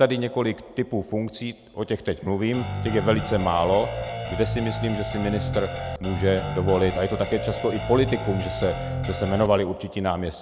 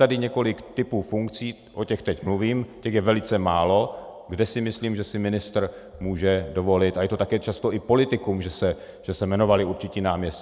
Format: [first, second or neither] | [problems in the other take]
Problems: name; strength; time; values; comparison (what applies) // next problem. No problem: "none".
second | background sound (Guitar); 5 dB below the speech